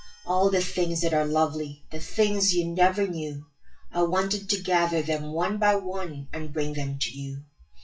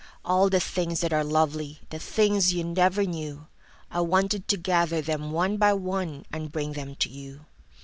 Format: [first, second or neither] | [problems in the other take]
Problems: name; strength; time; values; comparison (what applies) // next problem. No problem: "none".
second | noise reduction (classical method WPE with log-MMSE)